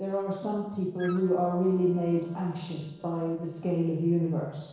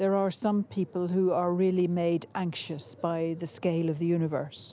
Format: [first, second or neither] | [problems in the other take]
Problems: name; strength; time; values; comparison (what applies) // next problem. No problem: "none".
second | noise reduction (neural separator model SepFormer DNS4)